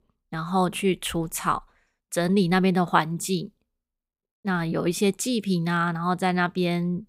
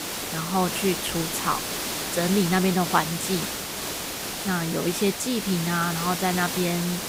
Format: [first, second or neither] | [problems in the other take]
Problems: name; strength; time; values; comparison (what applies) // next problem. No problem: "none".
first | hiss; loud; throughout; 3 dB below the speech